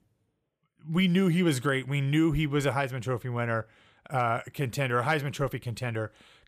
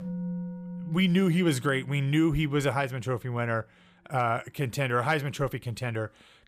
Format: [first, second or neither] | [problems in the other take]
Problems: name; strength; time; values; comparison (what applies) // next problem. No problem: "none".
first | background music; noticeable; throughout; 10 dB below the speech